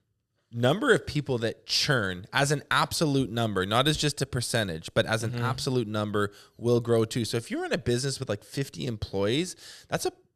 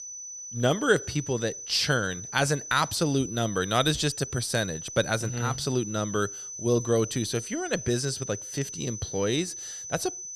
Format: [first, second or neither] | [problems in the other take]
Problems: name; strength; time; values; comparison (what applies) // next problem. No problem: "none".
first | high-pitched whine; loud; throughout; 6 kHz, 9 dB below the speech